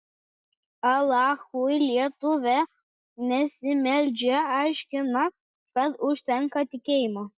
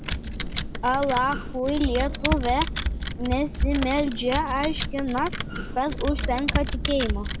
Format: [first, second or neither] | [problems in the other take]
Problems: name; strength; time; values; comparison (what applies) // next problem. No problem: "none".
first | background sound (Computer keyboard); 2 dB below the speech